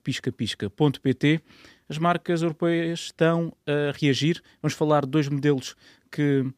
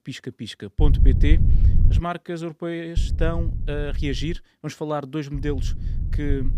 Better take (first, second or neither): first